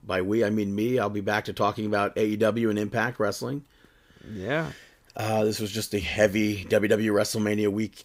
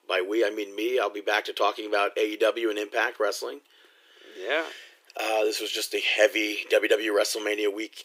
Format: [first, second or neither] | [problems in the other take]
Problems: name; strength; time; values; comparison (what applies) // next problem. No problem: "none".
first | thin; very; fading below 350 Hz